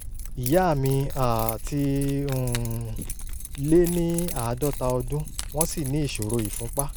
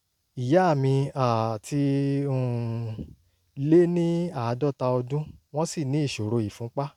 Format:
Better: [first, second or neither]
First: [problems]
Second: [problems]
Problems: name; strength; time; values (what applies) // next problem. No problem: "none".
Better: second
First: background sound (Keys jangling); 5 dB below the speech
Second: none